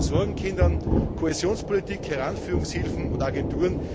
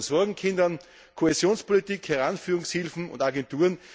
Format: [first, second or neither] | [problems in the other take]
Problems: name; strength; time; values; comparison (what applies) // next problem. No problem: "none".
second | background sound (Thunder / Rain); 2 dB above the speech